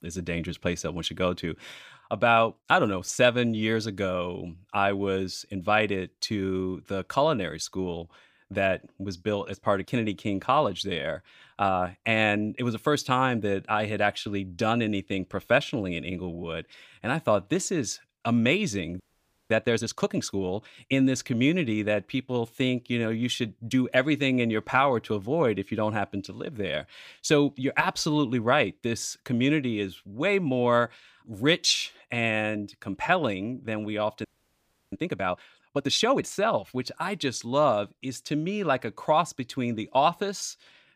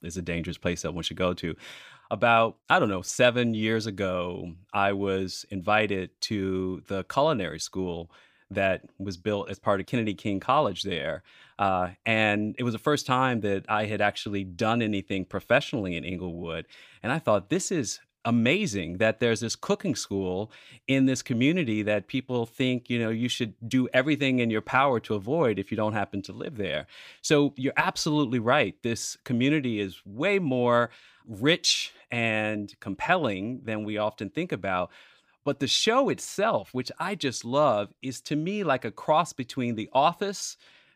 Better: second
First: audio freezing; at 19 s for 0.5 s and at 34 s for 0.5 s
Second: none

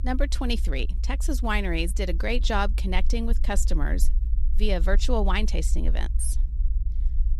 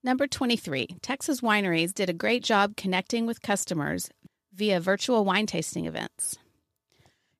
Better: second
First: low rumble; faint; throughout; 20 dB below the speech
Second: none

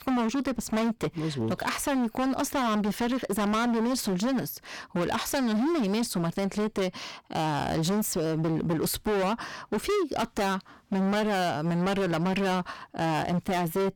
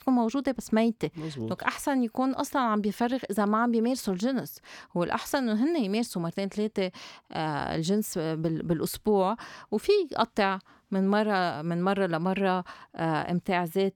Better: second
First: distortion; heavy; 28% of the sound clipped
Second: none

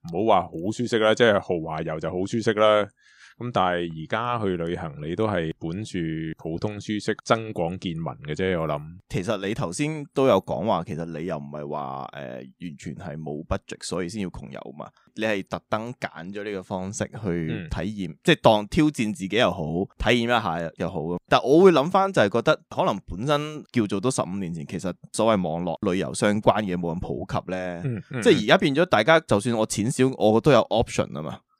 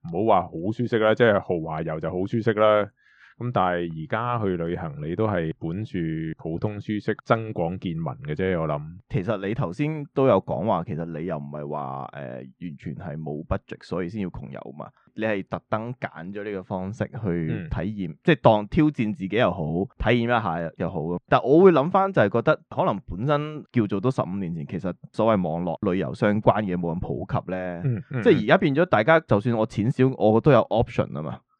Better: first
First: none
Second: muffled; very; fading above 2.5 kHz

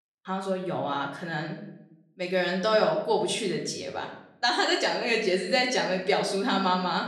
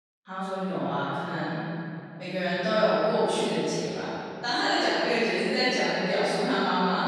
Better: first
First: room echo; slight; dies away in 0.6 s // off-mic speech; somewhat distant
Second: room echo; strong; dies away in 2.9 s // off-mic speech; far

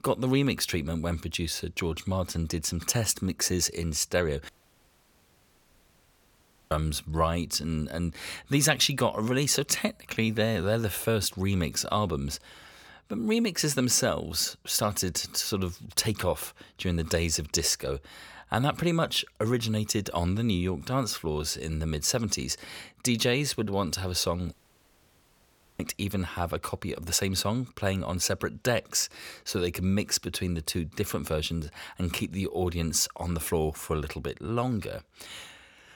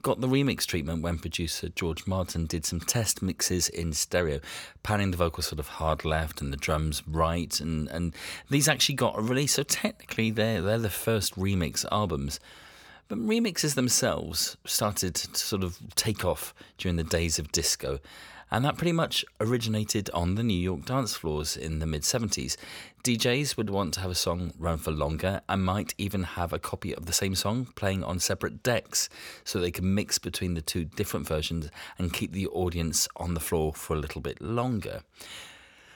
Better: second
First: audio cutting out; at 4.5 s for 2 s and at 25 s for 1.5 s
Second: none

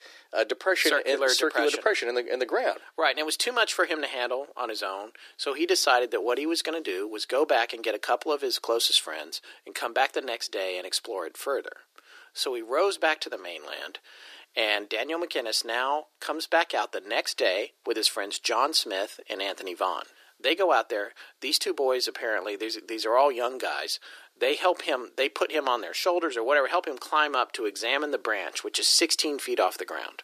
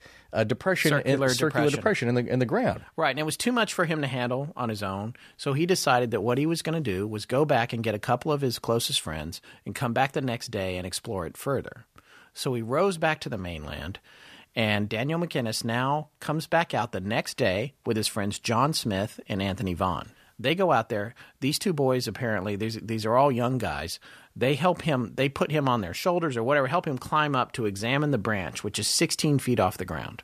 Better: second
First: thin; very; fading below 300 Hz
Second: none

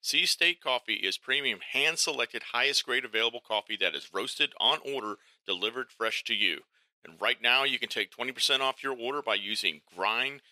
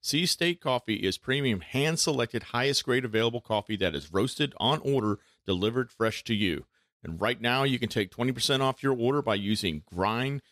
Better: second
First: thin; very; fading below 550 Hz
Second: none

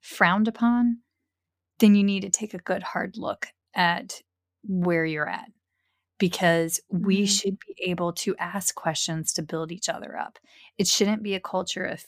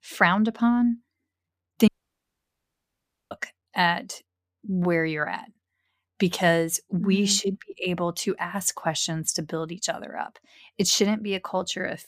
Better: first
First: none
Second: audio cutting out; at 2 s for 1.5 s

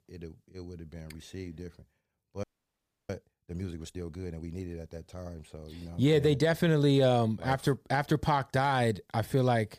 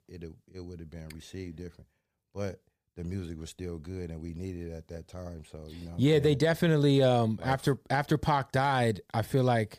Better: second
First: audio freezing; at 2.5 s for 0.5 s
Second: none

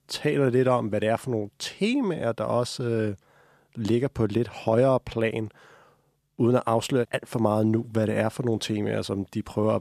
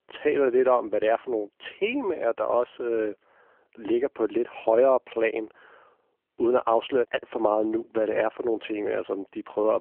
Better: first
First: none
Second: phone-call audio

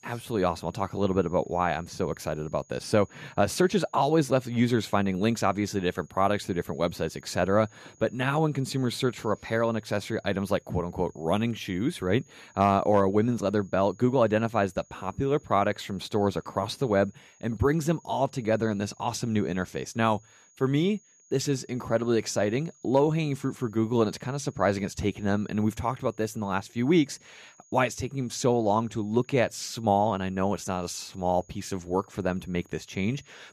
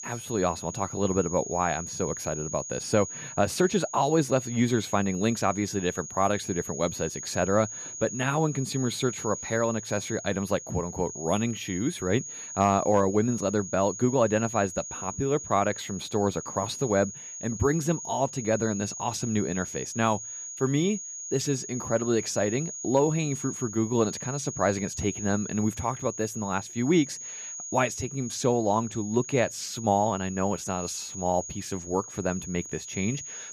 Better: first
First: high-pitched whine; faint; throughout; 6.5 kHz, 30 dB below the speech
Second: high-pitched whine; loud; throughout; 6.5 kHz, 9 dB below the speech

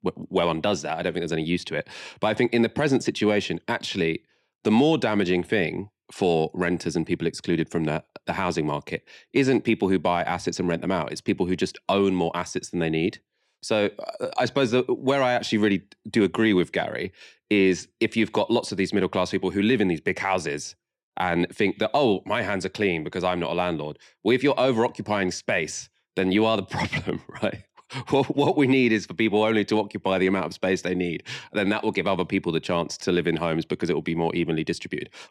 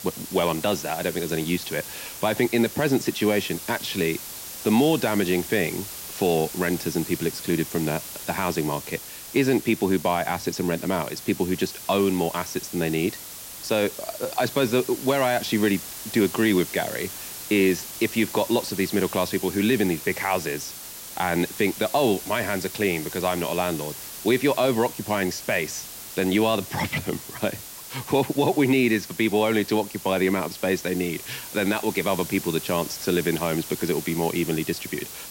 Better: first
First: none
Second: hiss; noticeable; throughout; 10 dB below the speech

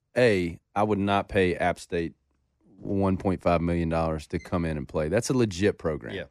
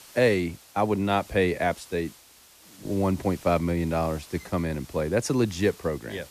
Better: first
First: none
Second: hiss; faint; throughout; 20 dB below the speech

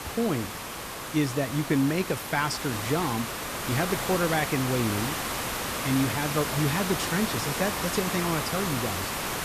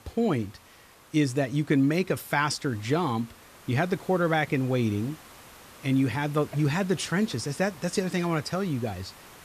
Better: second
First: hiss; loud; throughout; 2 dB below the speech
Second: hiss; faint; throughout; 20 dB below the speech

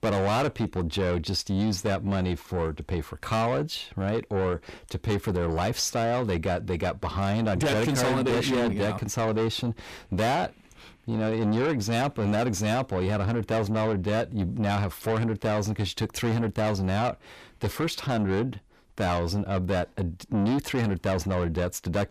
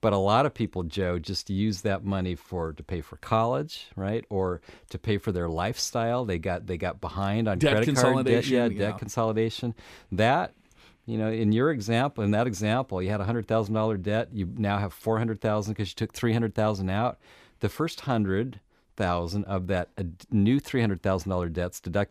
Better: second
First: distortion; heavy; 7 dB below the speech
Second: none

